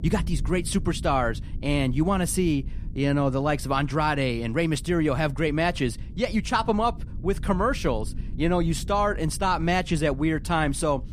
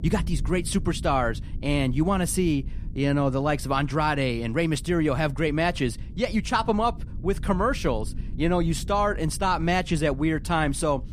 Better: neither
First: low rumble; faint; throughout; 25 dB below the speech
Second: low rumble; faint; throughout; 25 dB below the speech

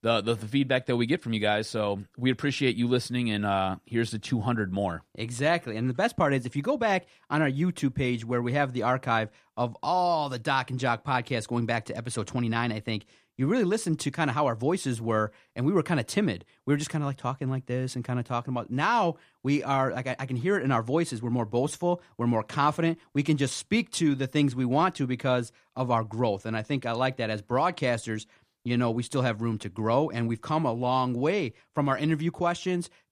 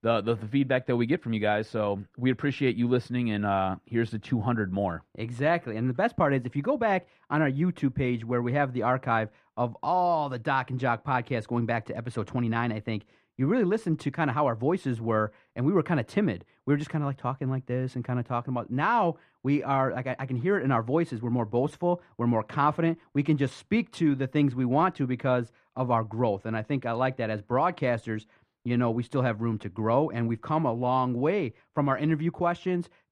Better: first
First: none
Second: muffled; slightly; fading above 3.5 kHz

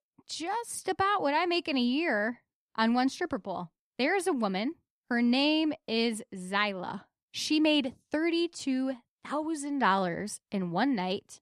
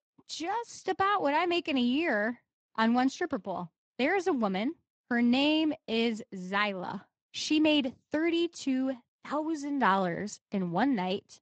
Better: first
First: none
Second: garbled, watery; slightly; nothing above 7.5 kHz

